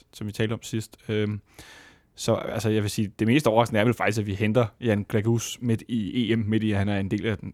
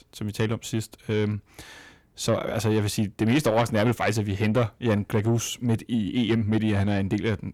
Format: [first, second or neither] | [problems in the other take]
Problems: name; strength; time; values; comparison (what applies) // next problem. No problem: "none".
first | distortion; slight; 10 dB below the speech